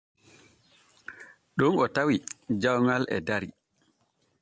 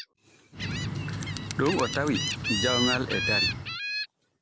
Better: first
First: none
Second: background sound (Gull, seagull + Bird); as loud as the speech

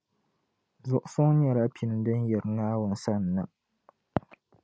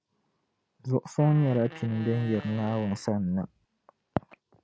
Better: first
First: none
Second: background sound (Fart); 17 dB below the speech

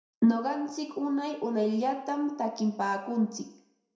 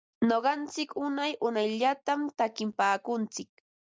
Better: second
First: room echo; dies away in 0.6 s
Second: none

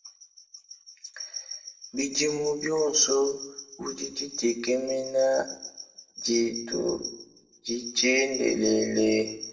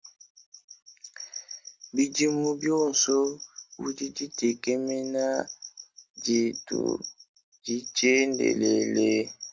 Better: second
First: room echo; dies away in 0.7 s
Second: none

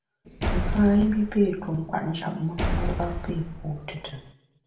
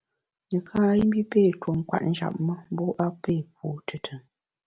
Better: second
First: background sound (Slam); 3 dB below the speech // room echo; dies away in 0.6 s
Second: none

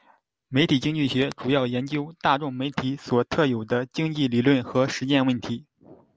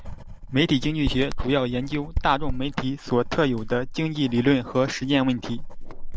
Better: first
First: none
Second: background sound (Writing); 7 dB below the speech

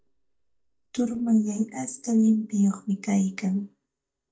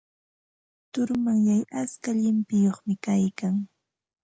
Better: second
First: noise reduction (neural mask model DeepFilterNet 3)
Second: none

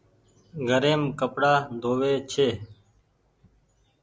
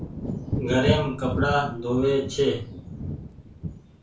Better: first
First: none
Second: background sound (Thunder / Wind); 4 dB below the speech // room echo; dies away in 0.3 s

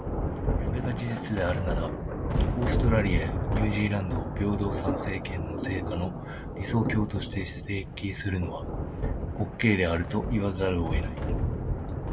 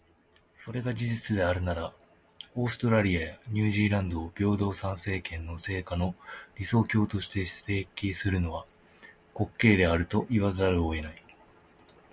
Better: second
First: background sound (Thunder); 1 dB above the speech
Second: none

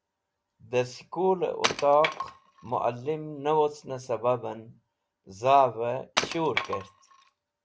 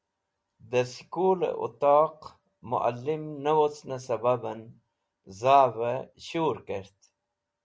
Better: second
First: background sound (Wood); 5 dB below the speech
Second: none

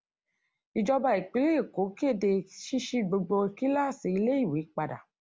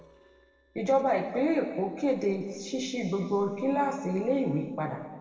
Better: first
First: none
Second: noise reduction (neural separator model SepFormer DNS4)

